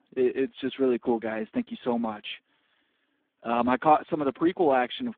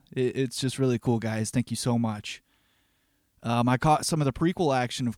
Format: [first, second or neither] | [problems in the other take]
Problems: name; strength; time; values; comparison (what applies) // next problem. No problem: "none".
second | phone-call audio; poor line